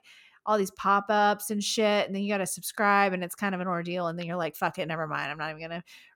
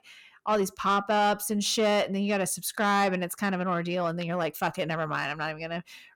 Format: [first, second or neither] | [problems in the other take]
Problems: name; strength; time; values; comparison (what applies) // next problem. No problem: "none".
first | distortion; slight; 10 dB below the speech